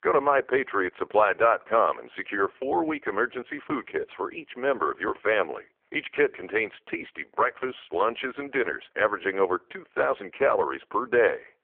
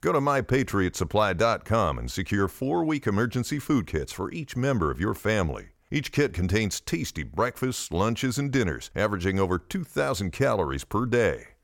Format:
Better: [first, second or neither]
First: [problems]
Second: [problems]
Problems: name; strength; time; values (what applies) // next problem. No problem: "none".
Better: second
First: phone-call audio; poor line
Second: none